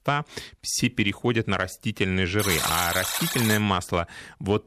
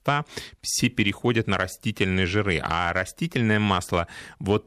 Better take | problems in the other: second | alarm; loud; from 2.5 to 3.5 s; peak 1 dB above the speech

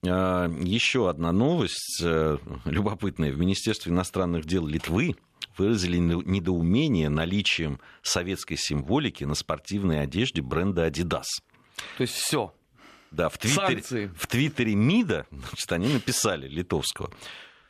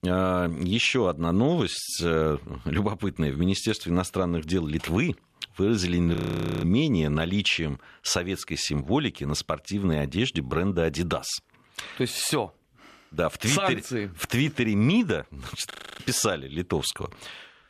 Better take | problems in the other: first | audio freezing; at 6 s and at 16 s

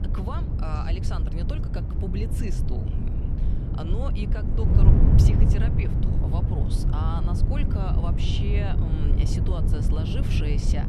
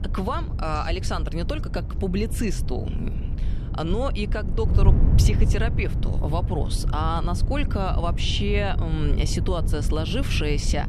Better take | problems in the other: second | wind noise on the microphone; heavy; as loud as the speech; occasional gusts in the second

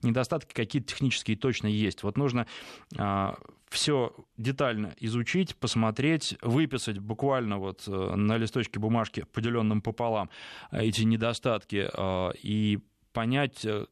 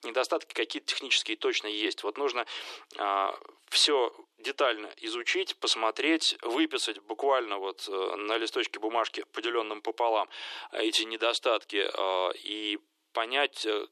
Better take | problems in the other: first | thin; very; fading below 300 Hz

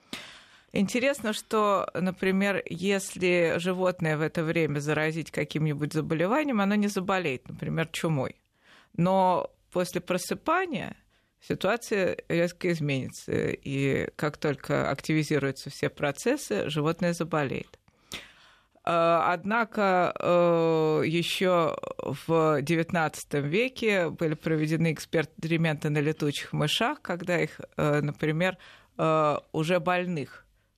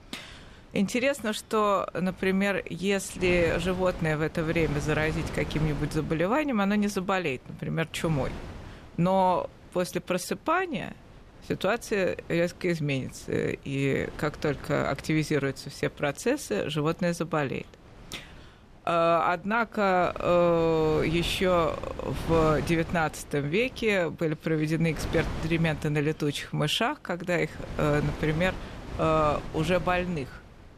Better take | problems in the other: first | wind noise on the microphone; occasional gusts; 15 dB below the speech

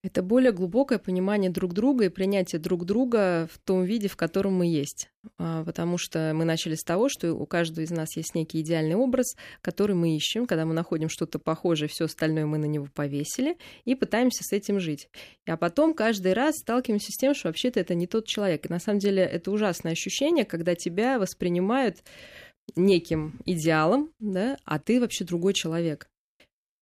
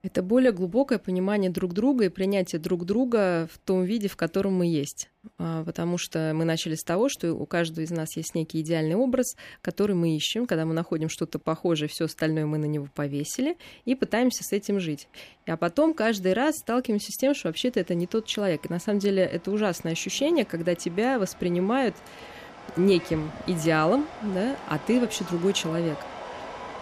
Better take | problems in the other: first | train or aircraft noise; noticeable; throughout; 15 dB below the speech

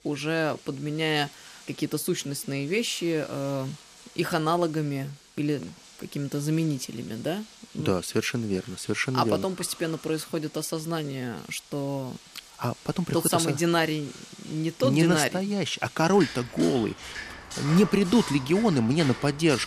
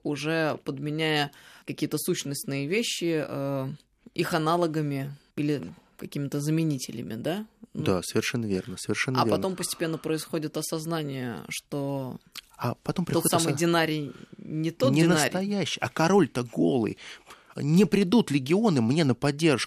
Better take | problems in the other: second | rain or running water; noticeable; throughout; 15 dB below the speech

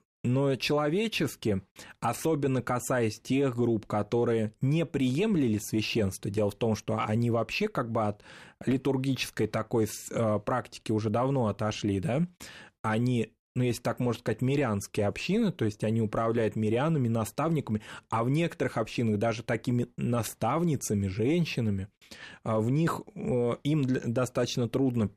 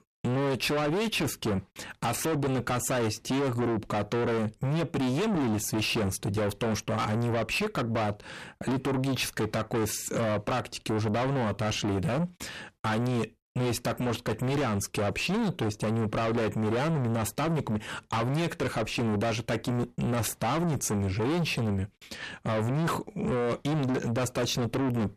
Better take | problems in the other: first | distortion; heavy; 7 dB below the speech

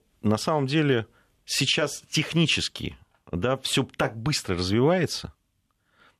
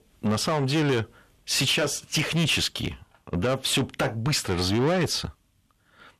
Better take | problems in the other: first | distortion; heavy; 8 dB below the speech

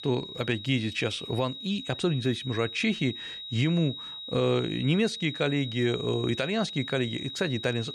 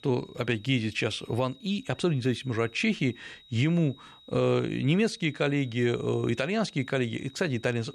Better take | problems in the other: second | high-pitched whine; loud; throughout; 4 kHz, 9 dB below the speech; faint in the second

